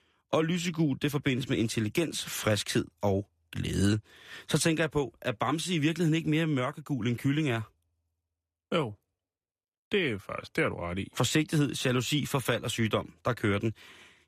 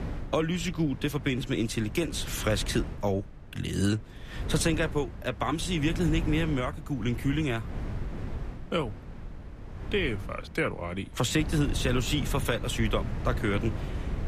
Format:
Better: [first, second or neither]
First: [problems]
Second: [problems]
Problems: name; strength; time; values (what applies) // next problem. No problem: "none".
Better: first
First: none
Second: wind noise on the microphone; occasional gusts; 15 dB below the speech